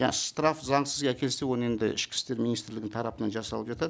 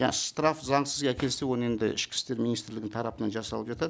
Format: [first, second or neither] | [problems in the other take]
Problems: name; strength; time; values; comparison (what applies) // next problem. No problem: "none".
first | background sound (Drawer open or close); 18 dB below the speech